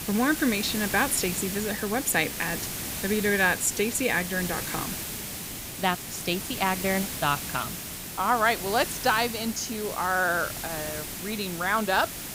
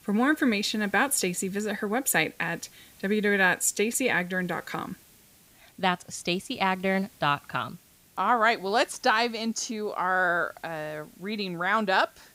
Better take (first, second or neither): second